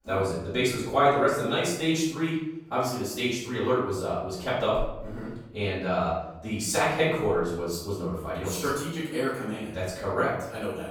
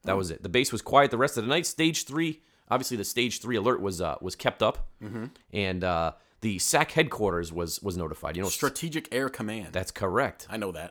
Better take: second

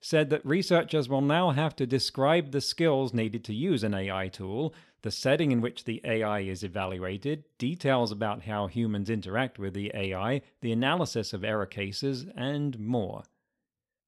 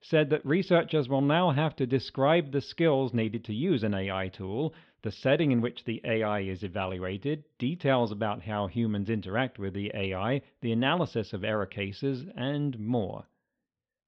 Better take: first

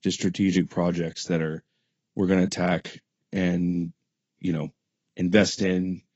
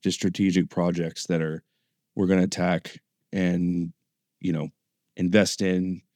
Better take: second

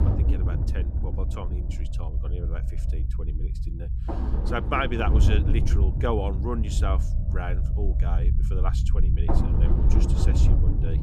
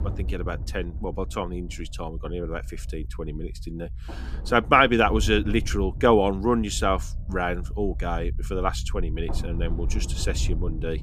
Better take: second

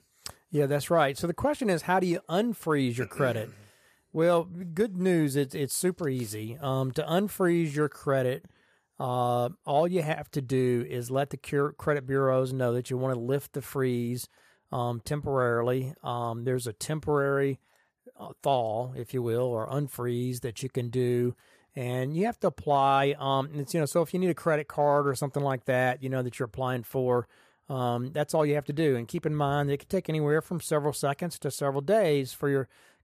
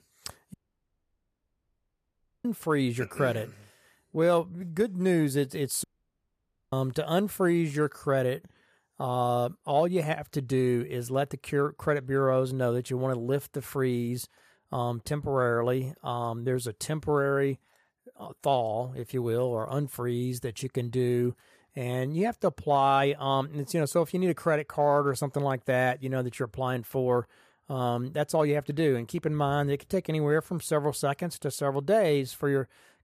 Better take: first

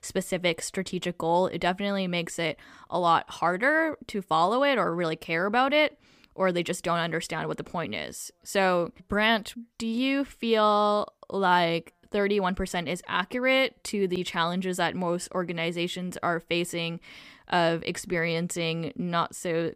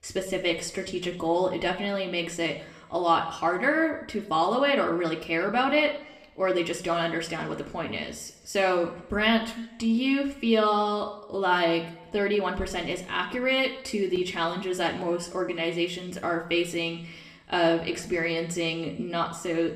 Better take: first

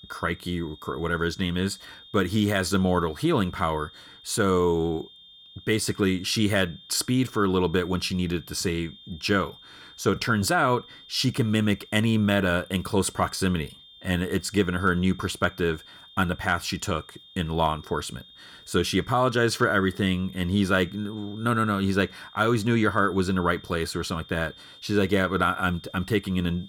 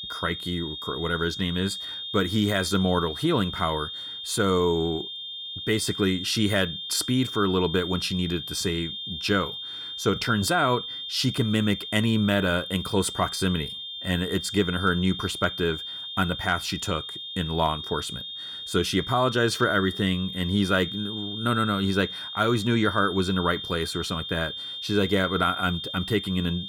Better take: first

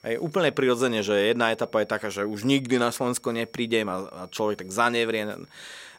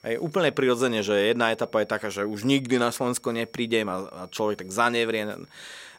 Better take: neither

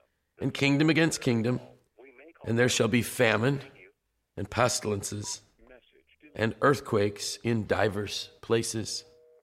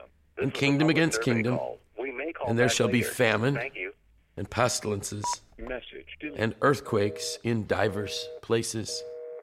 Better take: first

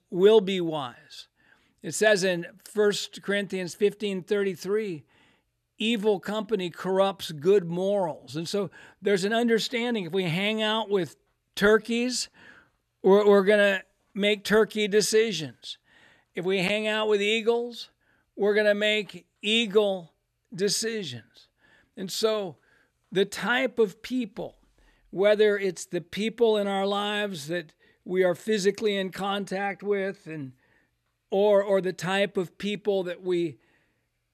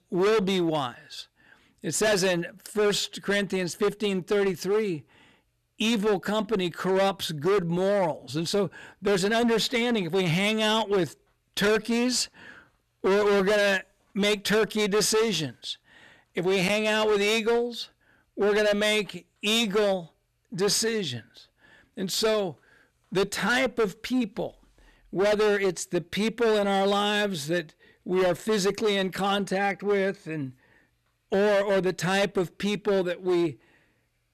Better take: first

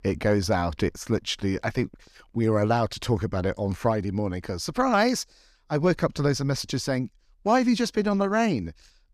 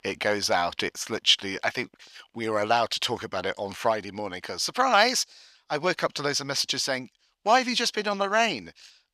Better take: first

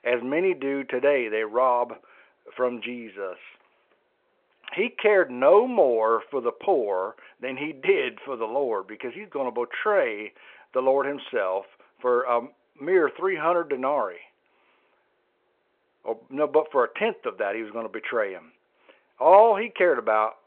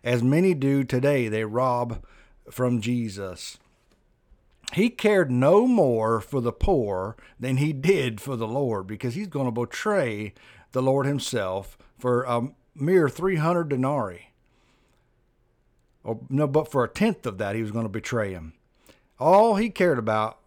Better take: second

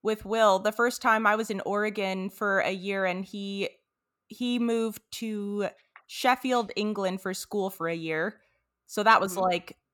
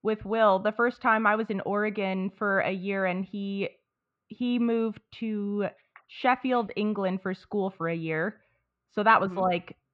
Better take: first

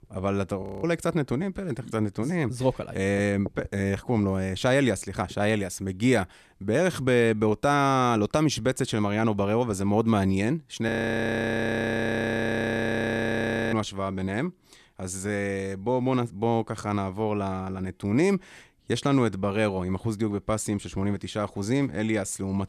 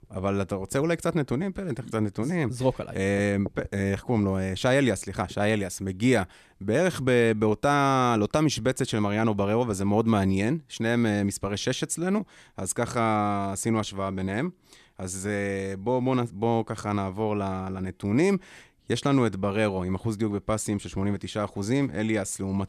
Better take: second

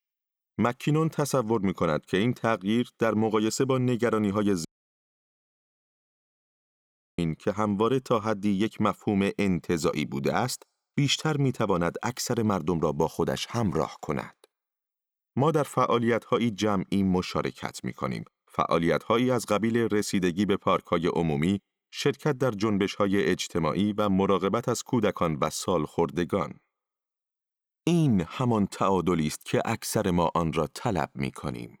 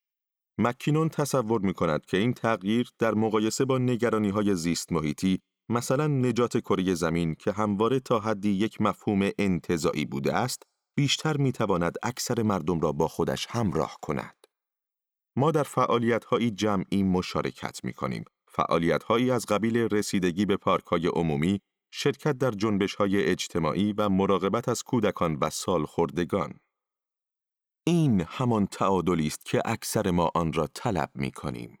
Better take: second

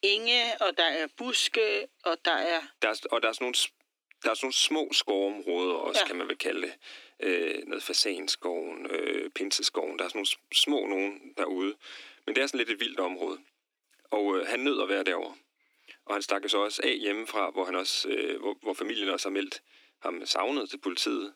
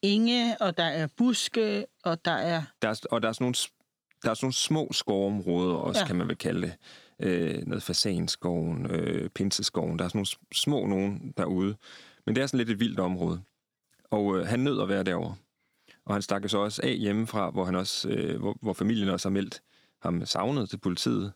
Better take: second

